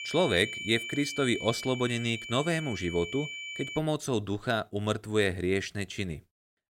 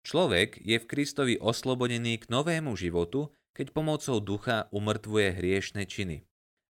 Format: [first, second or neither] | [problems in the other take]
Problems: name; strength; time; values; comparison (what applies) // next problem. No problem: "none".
second | high-pitched whine; loud; until 4 s; 2.5 kHz, 7 dB below the speech